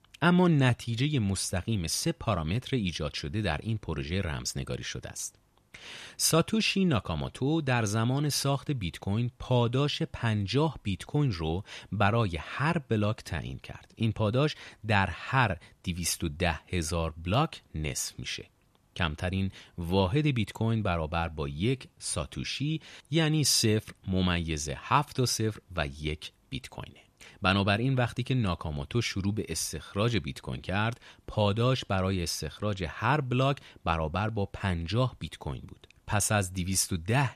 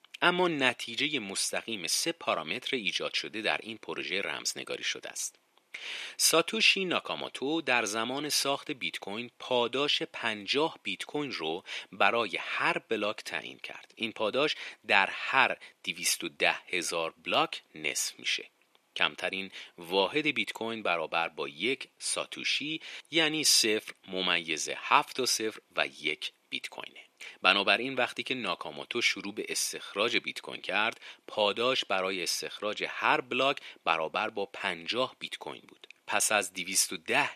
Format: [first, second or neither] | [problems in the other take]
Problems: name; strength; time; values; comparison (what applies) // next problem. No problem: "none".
first | thin; very; fading below 350 Hz